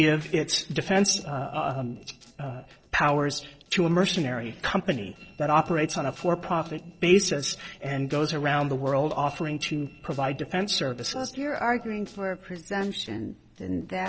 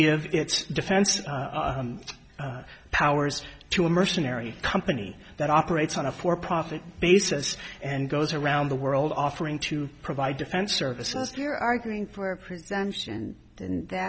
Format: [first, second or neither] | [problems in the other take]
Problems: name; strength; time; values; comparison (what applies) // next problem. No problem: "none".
second | noise reduction (neural separator model SepFormer DNS4)